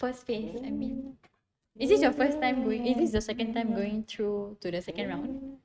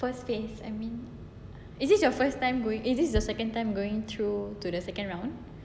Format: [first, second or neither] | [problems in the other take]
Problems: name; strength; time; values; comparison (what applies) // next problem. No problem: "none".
second | noise reduction (neural mask model RNNoise)